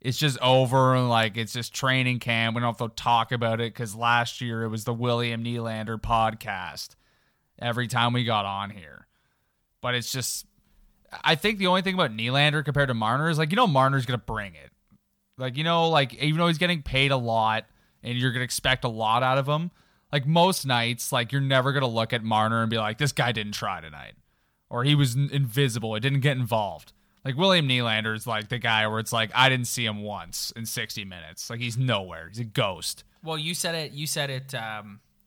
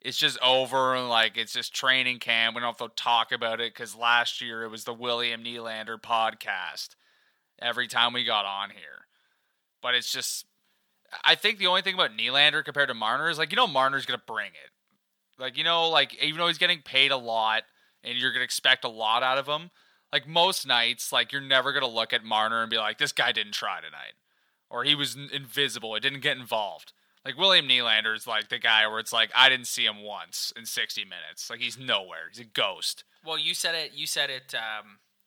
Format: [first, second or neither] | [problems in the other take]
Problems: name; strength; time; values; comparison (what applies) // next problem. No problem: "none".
first | thin; somewhat; fading below 350 Hz